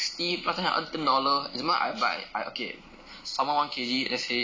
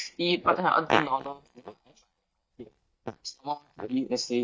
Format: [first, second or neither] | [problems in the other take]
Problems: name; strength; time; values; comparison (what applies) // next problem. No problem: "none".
first | noise reduction (neural mask model DeepFilterNet 3)